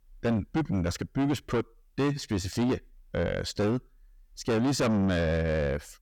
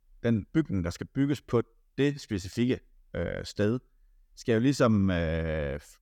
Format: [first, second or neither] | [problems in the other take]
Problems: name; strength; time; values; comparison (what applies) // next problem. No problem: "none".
second | distortion; heavy; 6 dB below the speech